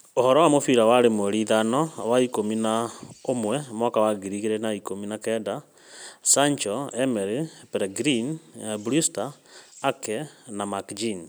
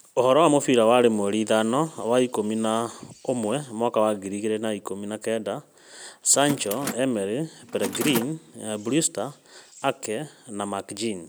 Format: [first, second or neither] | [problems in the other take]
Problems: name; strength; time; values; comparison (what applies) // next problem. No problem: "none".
first | background sound (Mechanisms); 11 dB below the speech